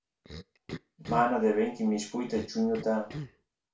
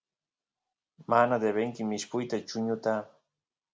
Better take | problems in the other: second | background sound (Cough); 14 dB below the speech // room echo; dies away in 0.3 s

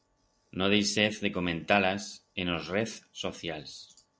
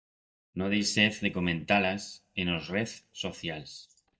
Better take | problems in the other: first | noise reduction (neural mask model DeepFilterNet 3)

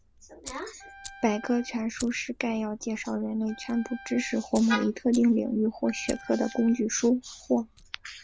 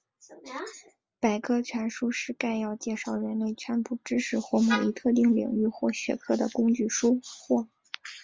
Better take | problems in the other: second | background sound (Wind instrument, woodwind instrument + Fire); 20 dB below the speech

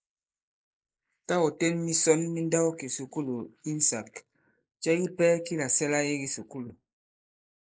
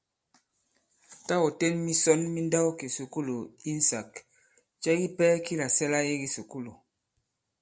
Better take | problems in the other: second | noise reduction (neural mask model Resemble Enhance denoiser)

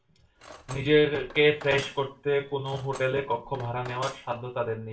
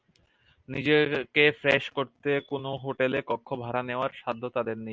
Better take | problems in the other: second | background sound (Cutlery, silverware); 18 dB below the speech // room echo; dies away in 0.3 s

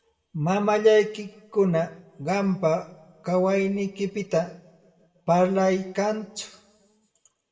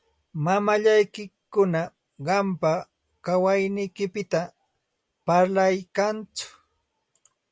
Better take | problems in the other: second | room echo; dies away in 0.8 s

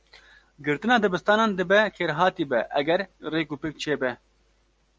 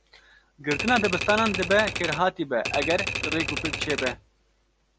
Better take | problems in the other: first | background sound (Typewriter); 4 dB below the speech

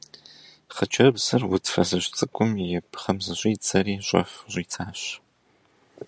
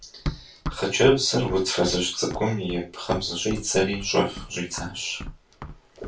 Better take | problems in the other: first | background sound (Run); 12 dB below the speech // room echo; dies away in 0.2 s

